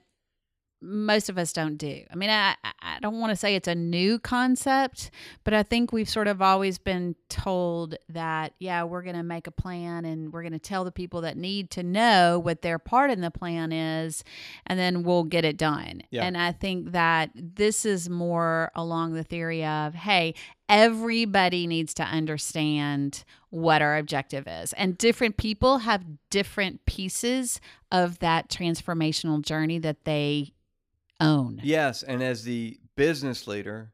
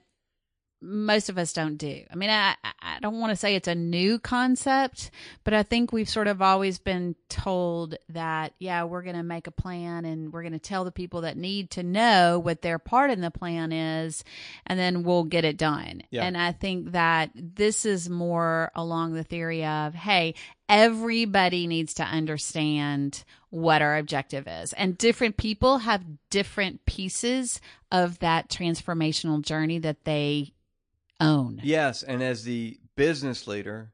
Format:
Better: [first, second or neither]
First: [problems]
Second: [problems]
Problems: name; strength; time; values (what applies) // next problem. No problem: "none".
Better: first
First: none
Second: garbled, watery; slightly